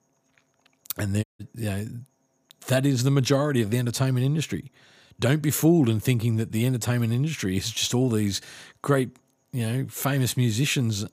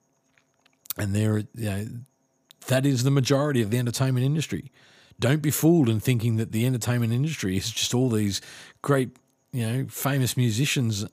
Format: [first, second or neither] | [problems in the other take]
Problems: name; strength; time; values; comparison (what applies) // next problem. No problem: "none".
second | audio cutting out; at 1 s